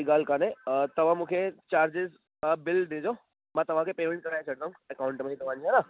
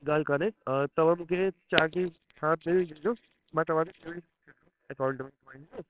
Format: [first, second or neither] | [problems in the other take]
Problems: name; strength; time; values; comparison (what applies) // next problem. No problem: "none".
first | noise reduction (neural separator model SepFormer WHAMR!)